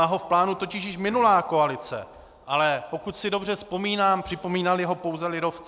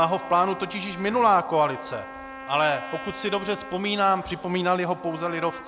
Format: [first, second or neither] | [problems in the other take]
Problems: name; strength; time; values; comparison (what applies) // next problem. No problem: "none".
first | background sound (Trumpet); 15 dB below the speech